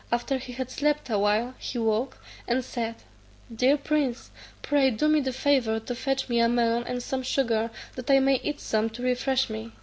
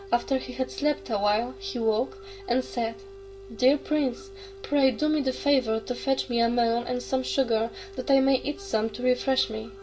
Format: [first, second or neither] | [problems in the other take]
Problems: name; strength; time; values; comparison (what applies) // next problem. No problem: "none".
first | background sound (Wind instrument, woodwind instrument); 18 dB below the speech // room echo; dies away in 0.2 s